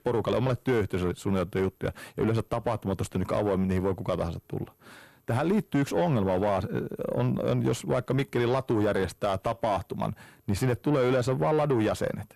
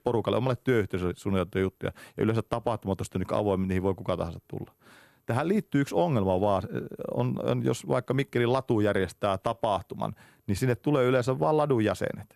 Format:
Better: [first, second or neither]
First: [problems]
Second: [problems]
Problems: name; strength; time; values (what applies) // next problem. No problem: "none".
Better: second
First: distortion; slight; 10 dB below the speech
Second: none